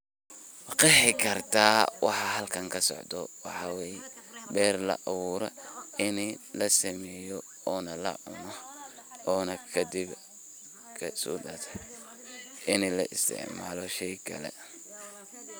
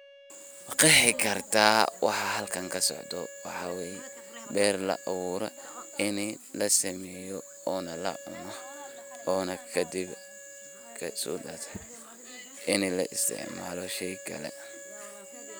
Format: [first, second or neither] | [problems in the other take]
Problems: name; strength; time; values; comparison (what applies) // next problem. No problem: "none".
first | background sound (Wind instrument, woodwind instrument); 19 dB below the speech